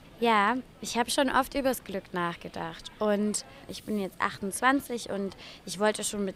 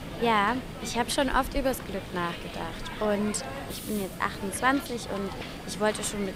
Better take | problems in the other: first | hiss; loud; throughout; 9 dB below the speech; faint in the first

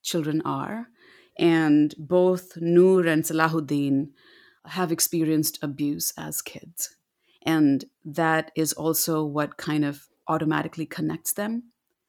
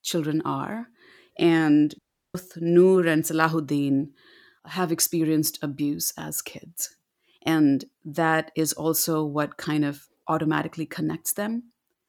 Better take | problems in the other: first | audio cutting out; at 2 s

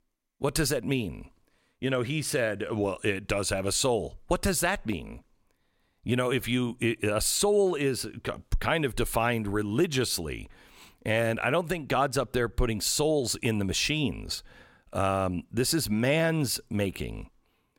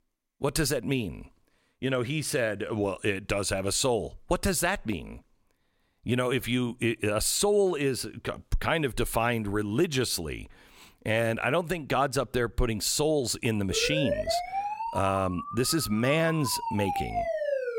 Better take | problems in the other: first | siren; noticeable; from 14 s on; peak 1 dB below the speech

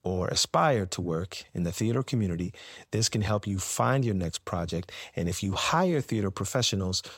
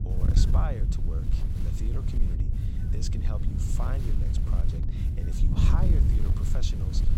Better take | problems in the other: first | wind noise on the microphone; heavy; as loud as the speech

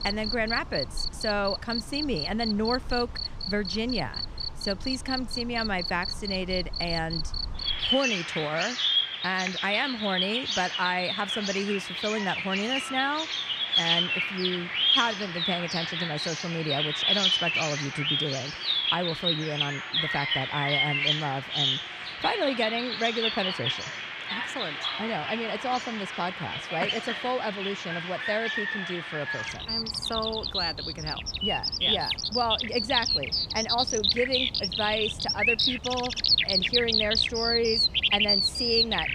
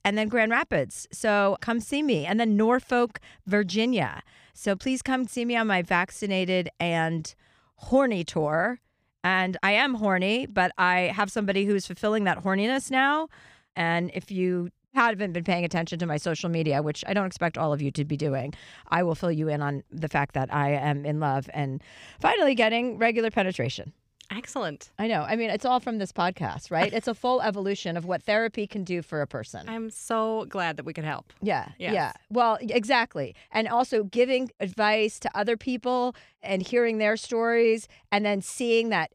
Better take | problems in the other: second | animal sounds; very loud; throughout; 4 dB above the speech

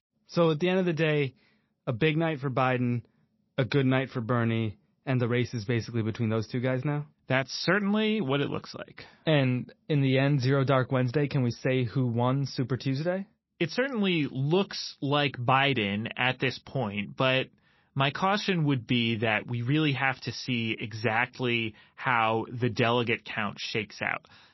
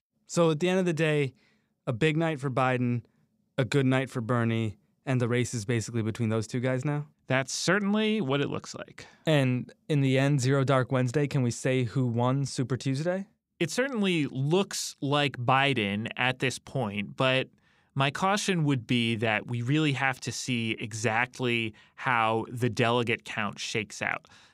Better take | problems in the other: second | garbled, watery; slightly; nothing above 5.5 kHz

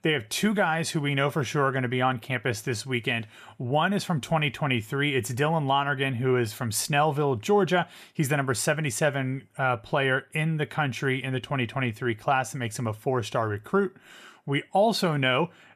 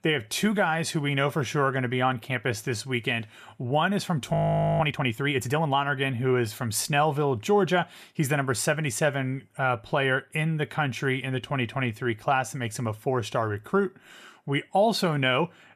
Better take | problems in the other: first | audio freezing; at 4.5 s

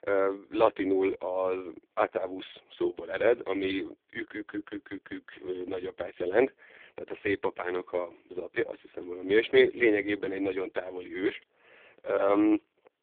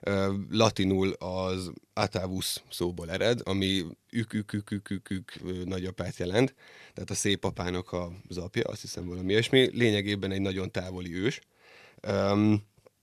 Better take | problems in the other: second | phone-call audio; poor line; nothing above 3.5 kHz

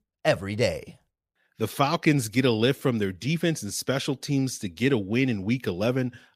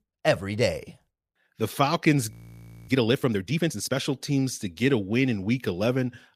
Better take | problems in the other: first | audio freezing; at 2.5 s for 0.5 s

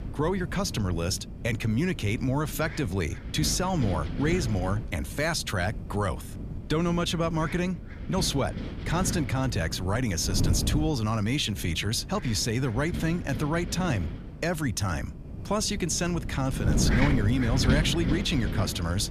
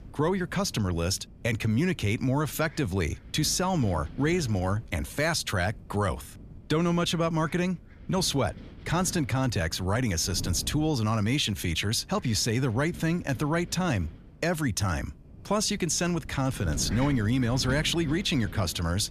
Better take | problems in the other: second | wind noise on the microphone; heavy; 10 dB below the speech; occasional gusts in the second

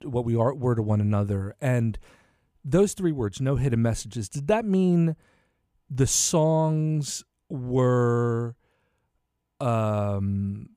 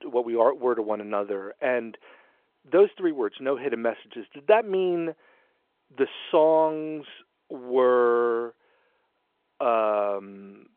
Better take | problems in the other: first | phone-call audio

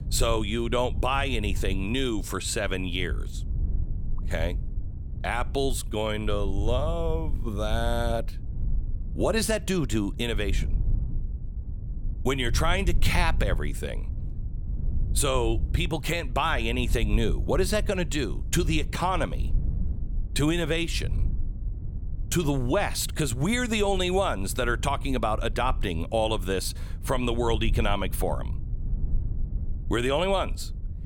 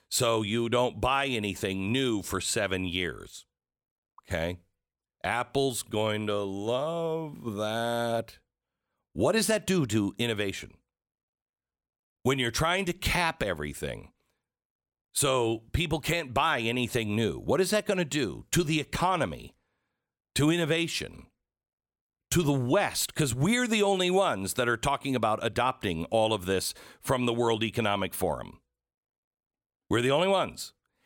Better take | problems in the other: second | low rumble; faint; throughout; 20 dB below the speech

